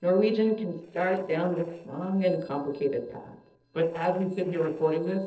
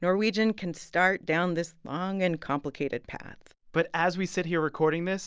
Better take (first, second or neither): second